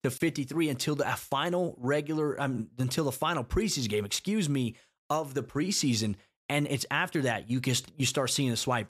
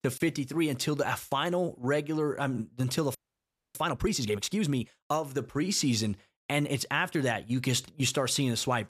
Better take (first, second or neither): first